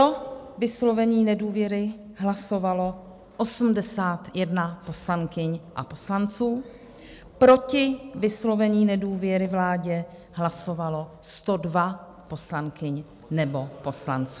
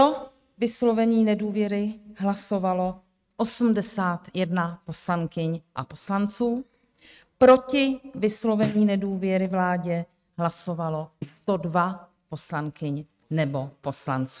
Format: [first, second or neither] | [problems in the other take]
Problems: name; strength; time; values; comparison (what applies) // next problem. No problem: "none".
first | noise reduction (neural mask model RNNoise)